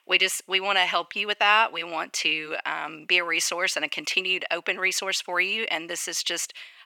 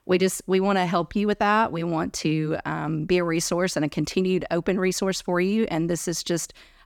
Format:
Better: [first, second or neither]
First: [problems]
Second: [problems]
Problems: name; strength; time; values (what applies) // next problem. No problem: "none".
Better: second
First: thin; very; fading below 750 Hz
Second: none